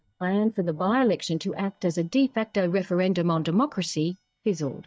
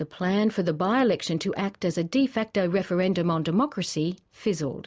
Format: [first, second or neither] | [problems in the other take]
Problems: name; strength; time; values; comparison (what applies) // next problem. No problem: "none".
second | noise reduction (neural mask model DeepFilterNet 3)